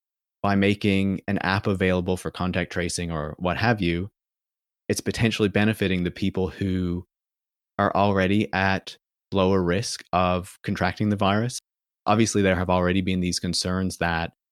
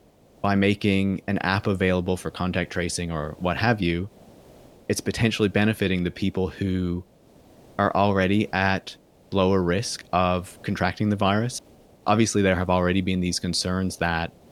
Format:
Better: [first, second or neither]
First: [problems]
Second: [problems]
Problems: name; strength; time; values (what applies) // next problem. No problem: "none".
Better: first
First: none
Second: hiss; faint; throughout; 30 dB below the speech